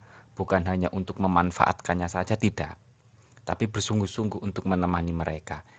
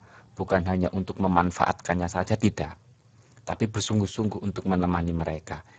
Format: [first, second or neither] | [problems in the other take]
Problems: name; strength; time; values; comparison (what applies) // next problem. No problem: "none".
first | garbled, watery; badly; nothing above 7.5 kHz; slightly in the first